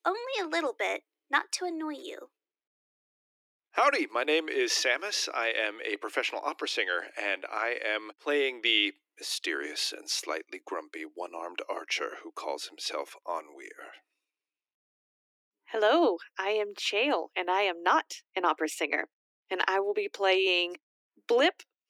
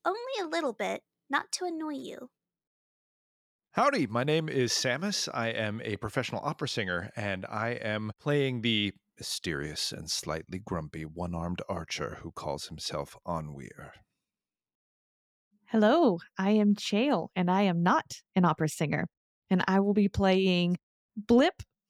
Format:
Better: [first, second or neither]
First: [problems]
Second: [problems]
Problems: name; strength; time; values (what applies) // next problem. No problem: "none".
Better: second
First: thin; very; fading below 300 Hz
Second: none